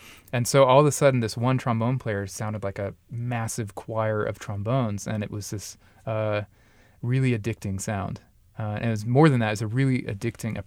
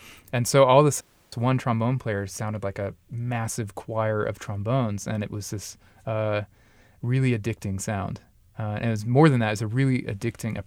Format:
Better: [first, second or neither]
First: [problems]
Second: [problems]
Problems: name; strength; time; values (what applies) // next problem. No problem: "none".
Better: first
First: none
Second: audio cutting out; at 1 s